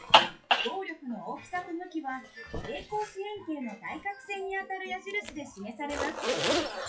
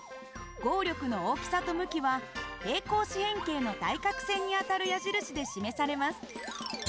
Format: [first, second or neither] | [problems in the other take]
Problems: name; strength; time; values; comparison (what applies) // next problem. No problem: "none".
second | noise reduction (classical method WPE with log-MMSE)